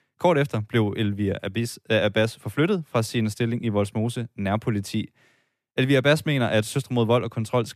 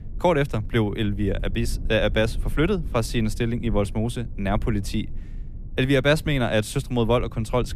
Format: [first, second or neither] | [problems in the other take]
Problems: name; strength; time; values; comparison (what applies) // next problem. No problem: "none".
first | low rumble; faint; throughout; 25 dB below the speech